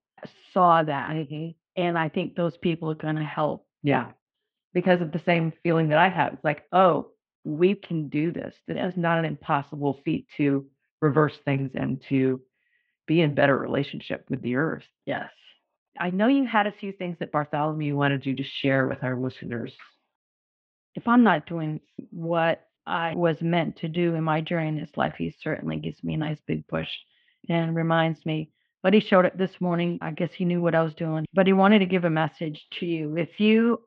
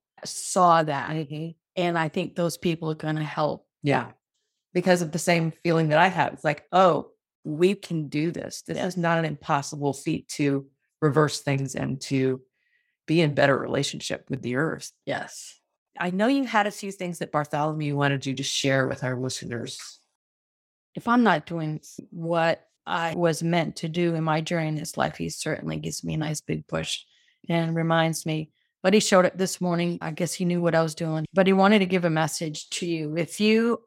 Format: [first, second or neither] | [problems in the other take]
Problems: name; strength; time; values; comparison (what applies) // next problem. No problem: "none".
second | muffled; very; fading above 3 kHz